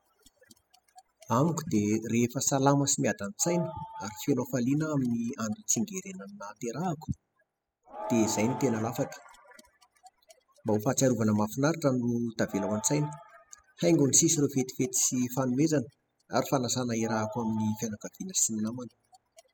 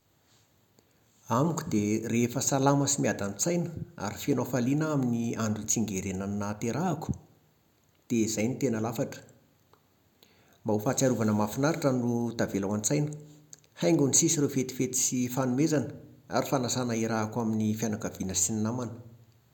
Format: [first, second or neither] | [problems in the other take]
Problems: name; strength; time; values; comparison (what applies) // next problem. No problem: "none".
second | noise reduction (classical method spectral subtraction)